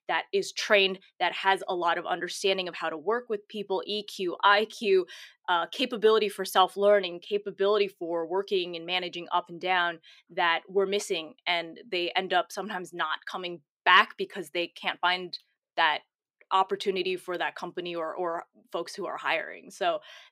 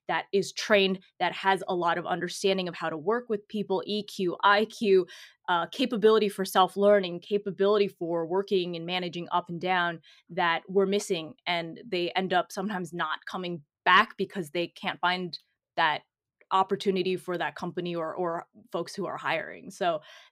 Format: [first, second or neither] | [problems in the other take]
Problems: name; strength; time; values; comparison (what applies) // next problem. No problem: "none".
second | thin; somewhat; fading below 300 Hz